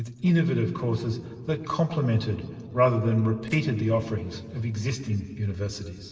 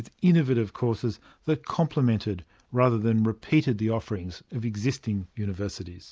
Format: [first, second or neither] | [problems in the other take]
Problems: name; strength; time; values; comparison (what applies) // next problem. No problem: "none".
second | noise reduction (neural separator model SepFormer DNS4)